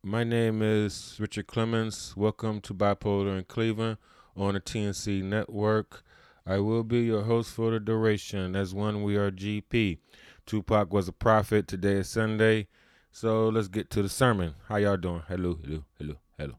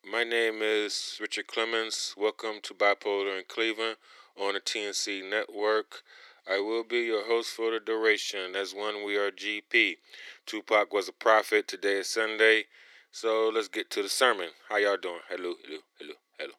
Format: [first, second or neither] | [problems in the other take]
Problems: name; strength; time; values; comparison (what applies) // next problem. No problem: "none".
first | thin; very; fading below 350 Hz